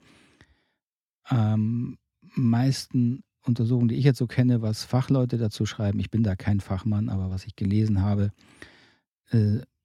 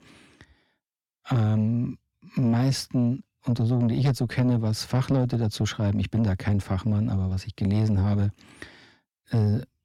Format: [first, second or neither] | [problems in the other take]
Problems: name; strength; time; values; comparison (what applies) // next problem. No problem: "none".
first | distortion; slight; 10 dB below the speech